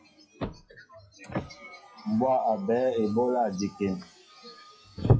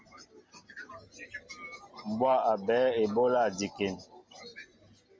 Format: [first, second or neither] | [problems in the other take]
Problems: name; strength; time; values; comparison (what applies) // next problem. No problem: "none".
second | noise reduction (classical method WPE with log-MMSE)